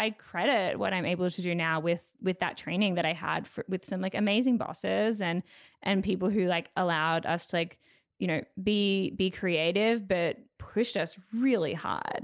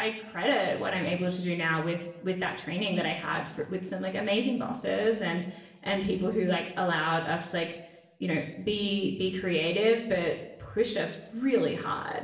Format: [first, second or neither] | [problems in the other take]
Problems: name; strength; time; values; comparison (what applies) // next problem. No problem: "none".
first | room echo; dies away in 0.8 s